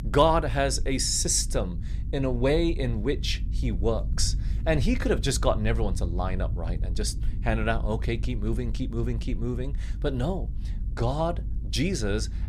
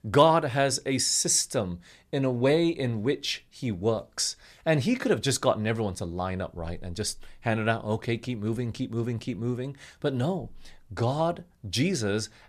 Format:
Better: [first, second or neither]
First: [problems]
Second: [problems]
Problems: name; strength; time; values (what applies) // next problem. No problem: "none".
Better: second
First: low rumble; noticeable; throughout; 20 dB below the speech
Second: none